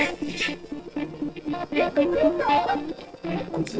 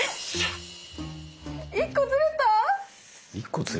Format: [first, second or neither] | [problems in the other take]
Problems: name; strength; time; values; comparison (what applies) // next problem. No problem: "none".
second | noise reduction (neural separator model SepFormer DNS4)